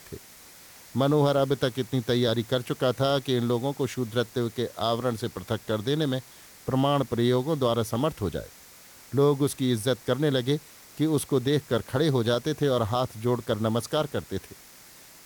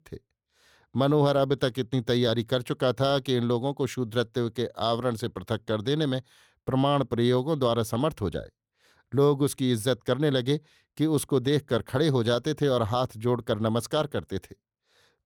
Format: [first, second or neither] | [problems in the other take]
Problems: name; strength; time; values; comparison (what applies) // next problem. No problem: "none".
second | hiss; faint; throughout; 20 dB below the speech